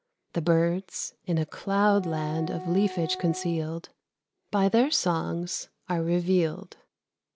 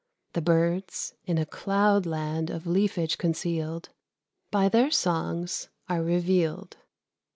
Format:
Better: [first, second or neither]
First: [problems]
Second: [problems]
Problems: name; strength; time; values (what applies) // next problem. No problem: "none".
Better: second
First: background sound (Wind instrument, woodwind instrument); 14 dB below the speech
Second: none